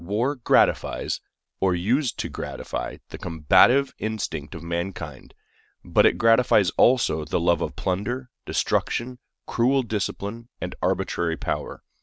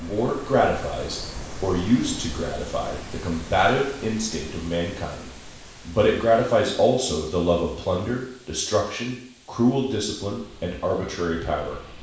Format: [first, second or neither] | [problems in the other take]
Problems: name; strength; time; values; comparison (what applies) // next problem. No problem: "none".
first | background sound (Ocean); 14 dB below the speech // room echo; dies away in 0.7 s